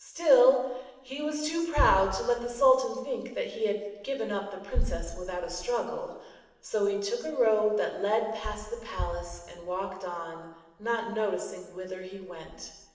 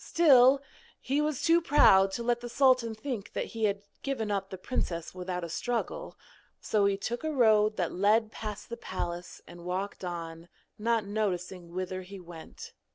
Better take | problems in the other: second | room echo; dies away in 1.1 s

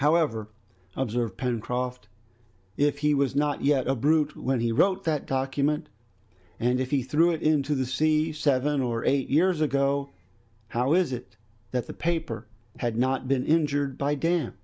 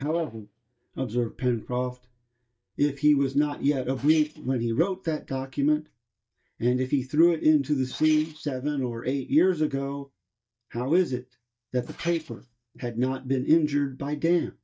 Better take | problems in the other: first | noise reduction (neural mask model DeepFilterNet 3)

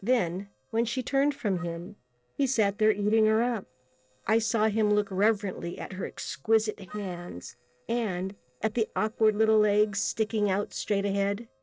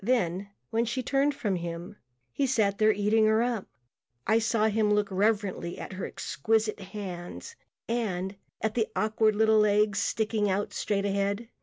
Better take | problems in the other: second | noise reduction (neural separator model SepFormer DNS4)

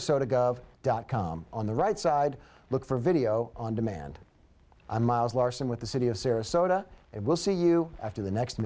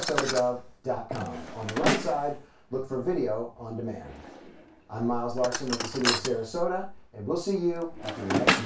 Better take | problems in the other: first | background sound (Drawer open or close); 3 dB below the speech // room echo; dies away in 0.2 s

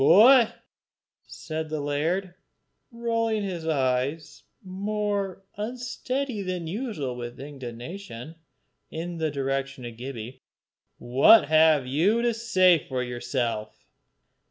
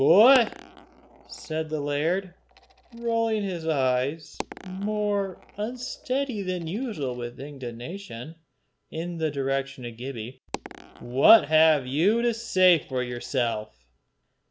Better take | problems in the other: first | background sound (Coin (dropping)); 19 dB below the speech

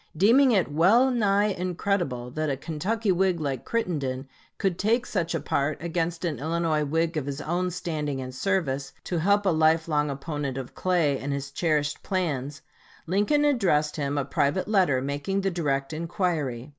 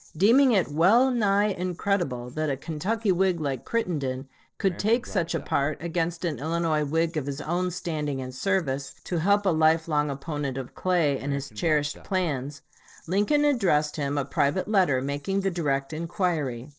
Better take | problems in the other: first | noise reduction (neural separator model SepFormer DNS4)

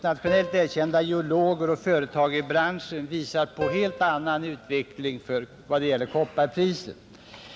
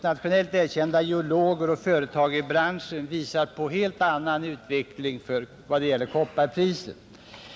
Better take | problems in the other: second | background sound (Piano); 14 dB below the speech

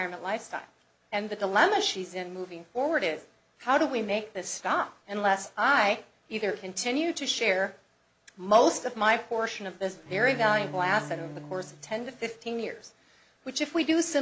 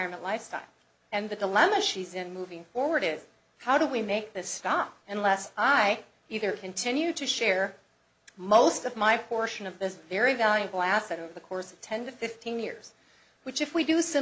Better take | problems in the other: second | background sound (Bowed string instrument); 14 dB below the speech

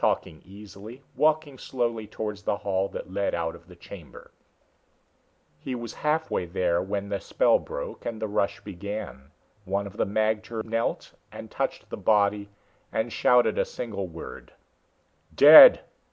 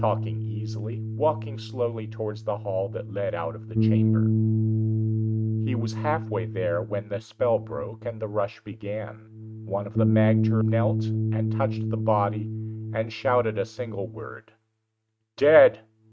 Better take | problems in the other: first | noise reduction (neural mask model RNNoise)

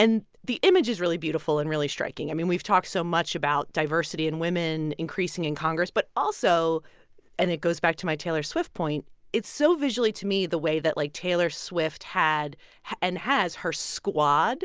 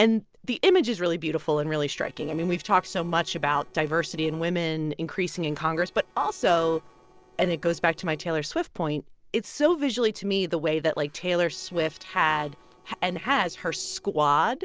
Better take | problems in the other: first | noise reduction (neural separator model SepFormer DNS4)

